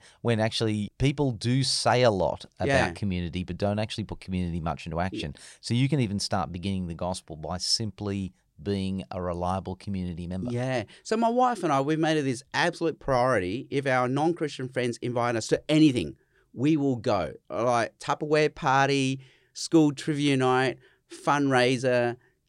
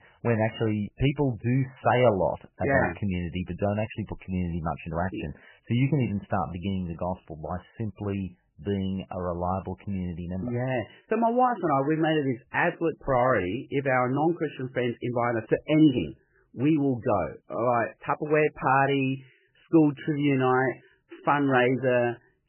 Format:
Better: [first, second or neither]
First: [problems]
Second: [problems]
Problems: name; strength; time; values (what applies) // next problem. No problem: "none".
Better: first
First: none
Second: garbled, watery; badly; nothing above 3 kHz